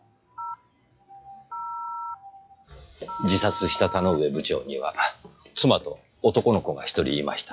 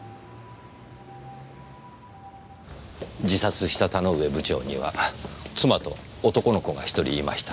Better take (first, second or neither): second